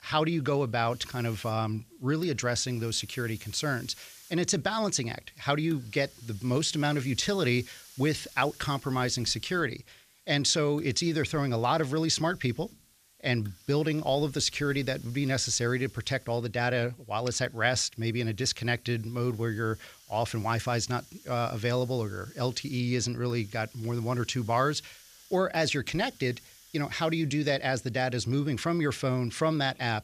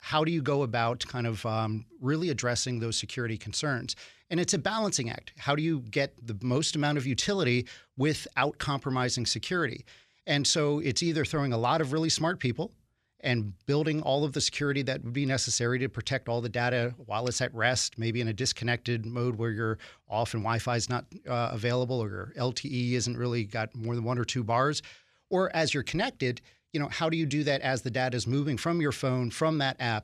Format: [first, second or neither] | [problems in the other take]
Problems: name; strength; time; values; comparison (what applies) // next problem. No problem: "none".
second | hiss; faint; throughout; 25 dB below the speech